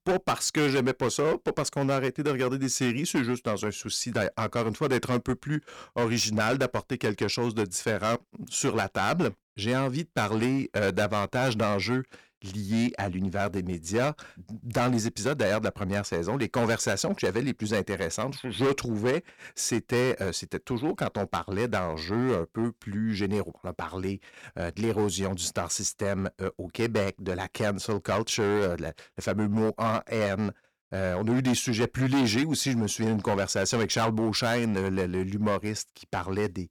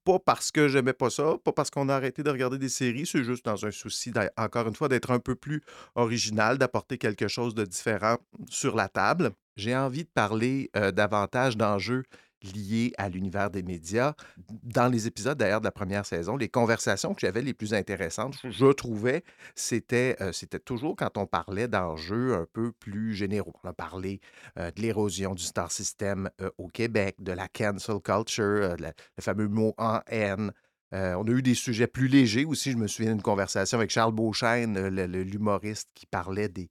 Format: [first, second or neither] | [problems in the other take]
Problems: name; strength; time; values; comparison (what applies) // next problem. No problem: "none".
second | distortion; heavy; 8% of the sound clipped